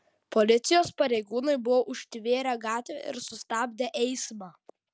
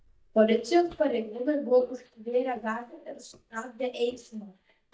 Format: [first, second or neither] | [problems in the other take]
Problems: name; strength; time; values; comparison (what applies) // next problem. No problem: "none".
first | noise reduction (neural mask model DeepFilterNet 3)